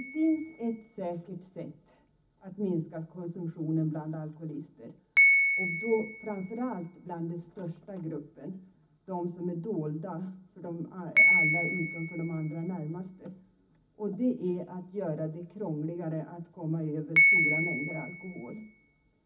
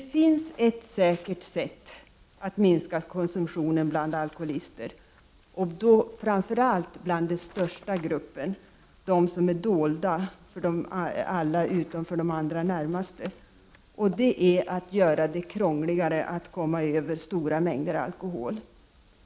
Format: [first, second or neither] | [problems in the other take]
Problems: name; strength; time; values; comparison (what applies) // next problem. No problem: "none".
second | background sound (Piano); 3 dB above the speech // room echo; dies away in 0.4 s